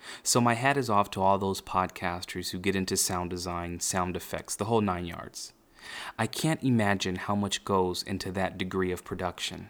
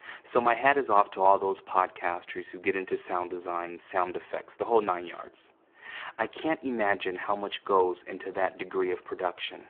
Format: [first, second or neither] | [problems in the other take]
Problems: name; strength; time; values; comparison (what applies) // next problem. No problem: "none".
first | phone-call audio; poor line